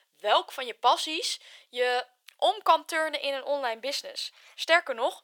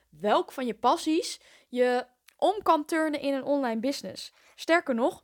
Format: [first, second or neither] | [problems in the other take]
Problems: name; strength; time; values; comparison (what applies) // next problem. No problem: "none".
second | thin; very; fading below 550 Hz